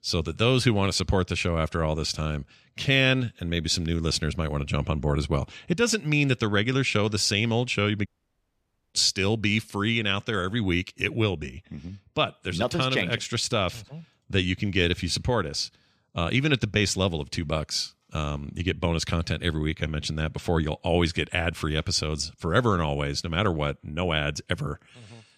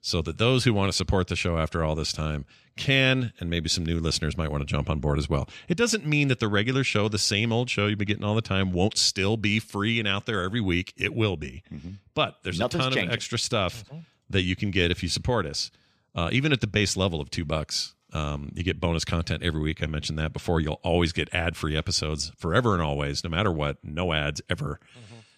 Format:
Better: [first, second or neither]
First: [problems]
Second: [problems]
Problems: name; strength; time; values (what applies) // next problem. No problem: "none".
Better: second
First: audio cutting out; at 8 s for 1 s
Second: none